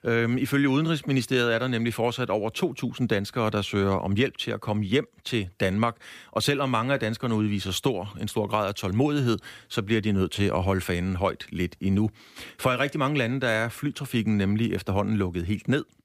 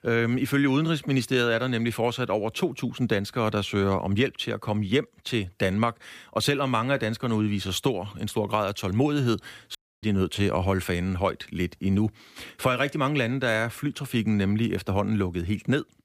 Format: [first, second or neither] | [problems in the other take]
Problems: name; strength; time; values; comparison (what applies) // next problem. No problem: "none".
first | audio cutting out; at 10 s